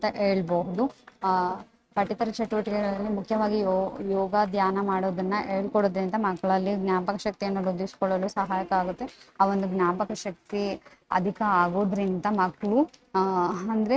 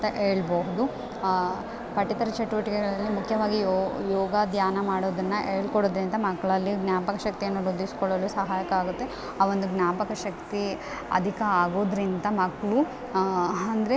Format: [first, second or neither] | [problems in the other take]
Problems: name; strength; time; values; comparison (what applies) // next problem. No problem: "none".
second | noise reduction (neural mask model RNNoise)